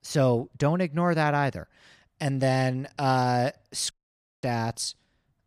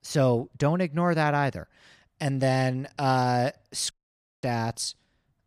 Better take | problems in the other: neither | audio cutting out; at 4 s for 0.5 s; the same in both

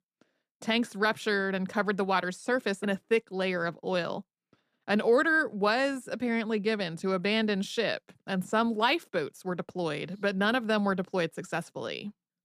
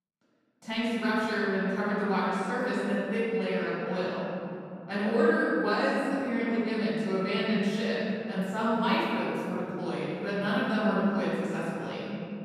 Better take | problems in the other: first | off-mic speech; far // room echo; strong; dies away in 2.9 s

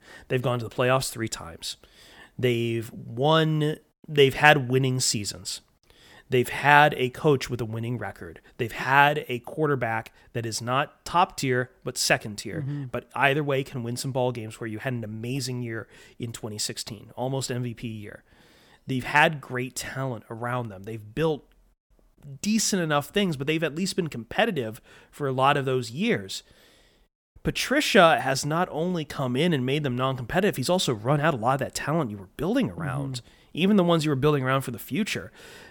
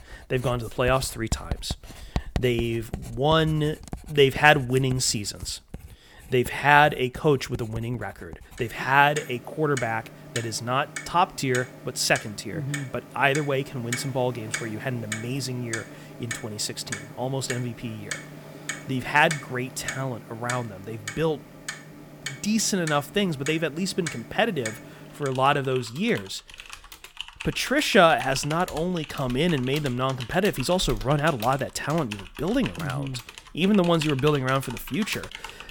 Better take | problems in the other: first | household noises; noticeable; throughout; 15 dB below the speech

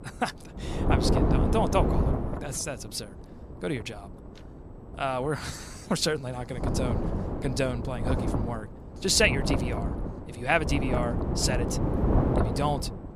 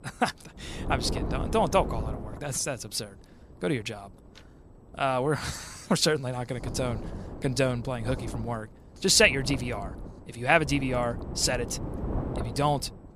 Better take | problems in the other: second | wind noise on the microphone; heavy; 4 dB below the speech; occasional gusts in the second

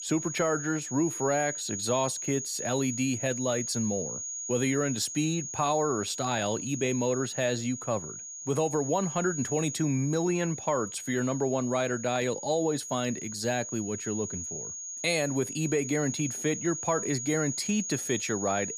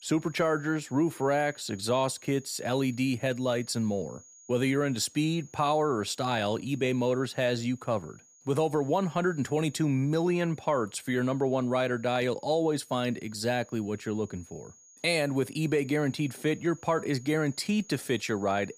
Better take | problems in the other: second | high-pitched whine; loud; throughout; 6.5 kHz, 5 dB below the speech; faint in the second

